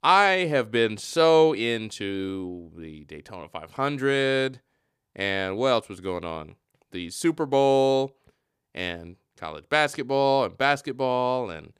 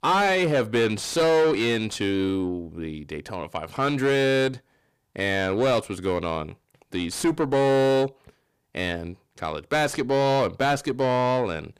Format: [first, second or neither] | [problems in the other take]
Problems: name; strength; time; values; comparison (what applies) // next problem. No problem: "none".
first | distortion; heavy; 6 dB below the speech